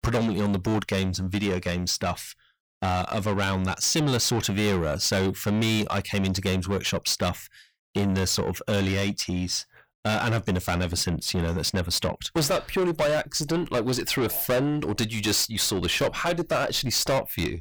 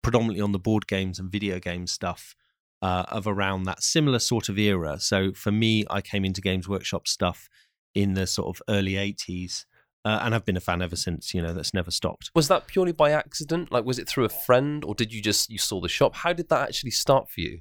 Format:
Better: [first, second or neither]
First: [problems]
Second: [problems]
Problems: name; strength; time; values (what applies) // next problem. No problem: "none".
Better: second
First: distortion; heavy; 6 dB below the speech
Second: none